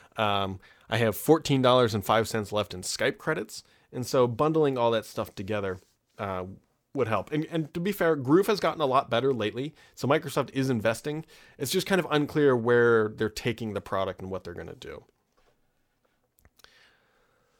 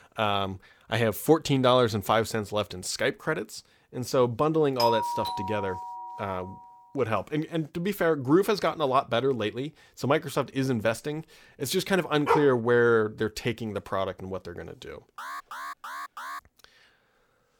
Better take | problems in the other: first | doorbell; noticeable; from 5 to 6.5 s; peak 1 dB below the speech // dog barking; noticeable; at 12 s; peak level with the speech // alarm; faint; from 15 to 16 s; peak 10 dB below the speech

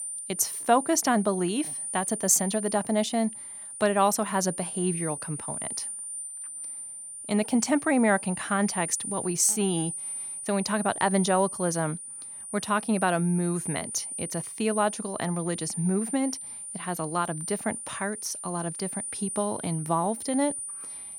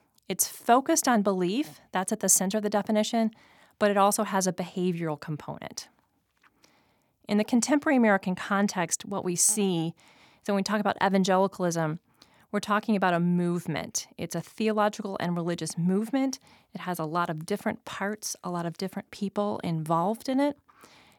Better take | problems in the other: second | high-pitched whine; loud; throughout; 9 kHz, 7 dB below the speech

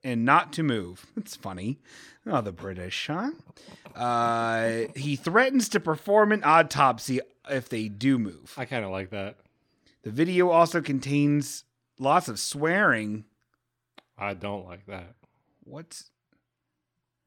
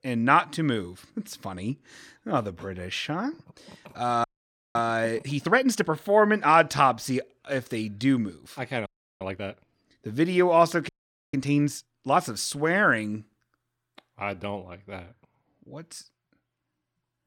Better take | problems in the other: first | audio freezing; at 4 s for 0.5 s, at 9 s and at 11 s

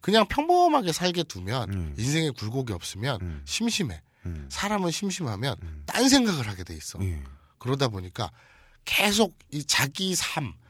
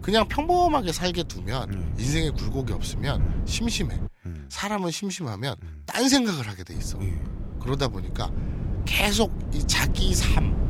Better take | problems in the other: first | wind noise on the microphone; occasional gusts; until 4 s and from 6.5 s on; 15 dB below the speech

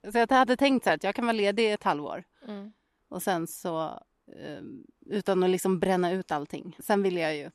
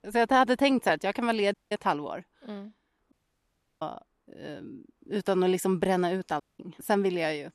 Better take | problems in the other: first | audio cutting out; at 1.5 s, at 3 s for 0.5 s and at 6.5 s

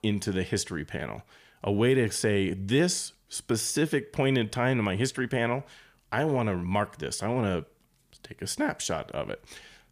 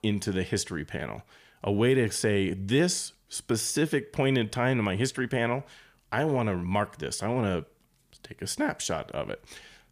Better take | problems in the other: neither | none

